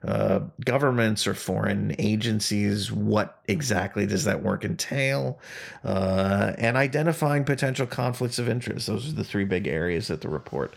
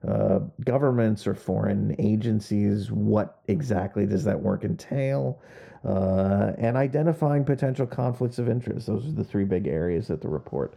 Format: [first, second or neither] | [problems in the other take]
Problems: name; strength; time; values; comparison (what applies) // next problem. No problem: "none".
first | muffled; very; fading above 1.5 kHz